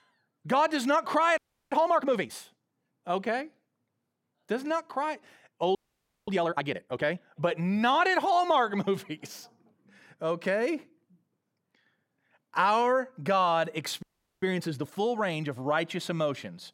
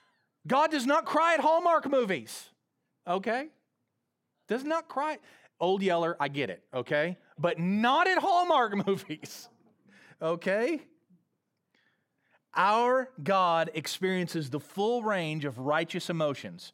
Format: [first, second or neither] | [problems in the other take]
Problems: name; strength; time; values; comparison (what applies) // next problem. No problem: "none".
second | audio freezing; at 1.5 s, at 6 s for 0.5 s and at 14 s